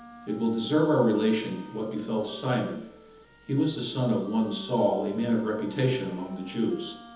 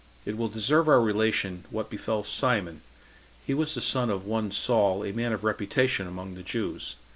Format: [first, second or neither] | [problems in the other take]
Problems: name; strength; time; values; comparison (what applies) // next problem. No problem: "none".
second | background sound (Wind instrument, woodwind instrument); 20 dB below the speech // room echo; dies away in 1.3 s